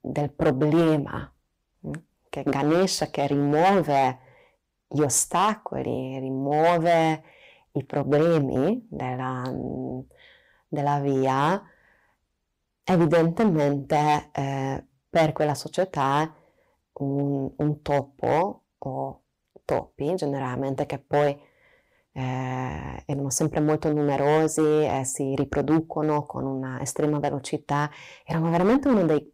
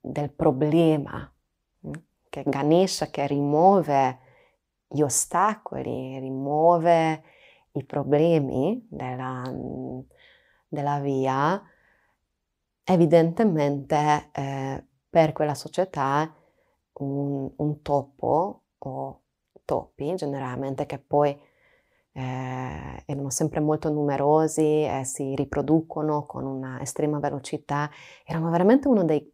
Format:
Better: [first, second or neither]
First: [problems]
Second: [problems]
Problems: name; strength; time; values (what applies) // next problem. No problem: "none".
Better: second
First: distortion; slight; 5% of the sound clipped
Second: none